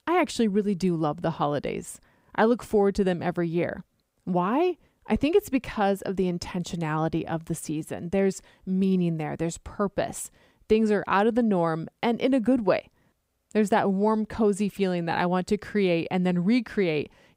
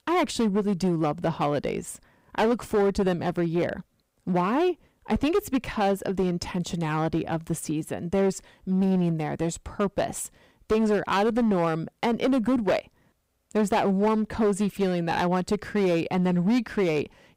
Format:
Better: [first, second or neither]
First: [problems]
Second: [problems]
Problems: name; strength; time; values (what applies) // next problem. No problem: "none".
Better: first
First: none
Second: distortion; slight; 9% of the sound clipped